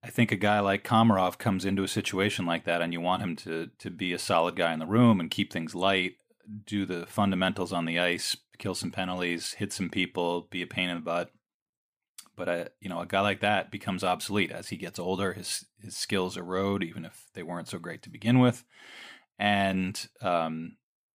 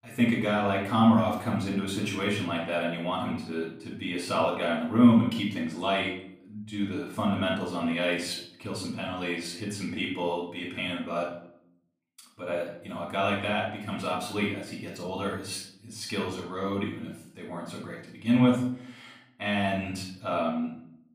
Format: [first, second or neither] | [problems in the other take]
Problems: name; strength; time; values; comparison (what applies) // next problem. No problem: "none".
first | off-mic speech; far // room echo; noticeable; dies away in 0.6 s